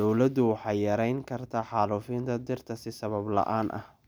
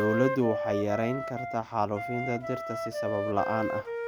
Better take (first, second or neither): first